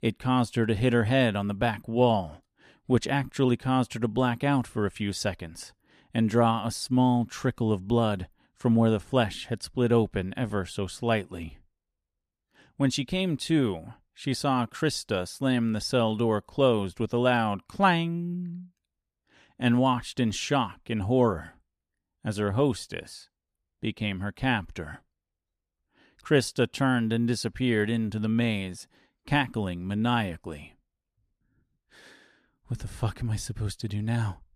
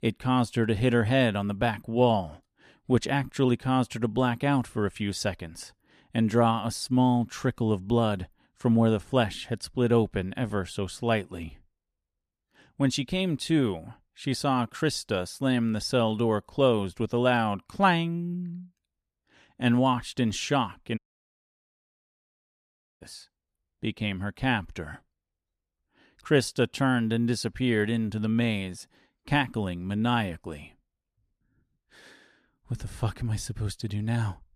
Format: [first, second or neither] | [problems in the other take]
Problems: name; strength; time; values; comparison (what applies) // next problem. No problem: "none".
first | audio cutting out; at 21 s for 2 s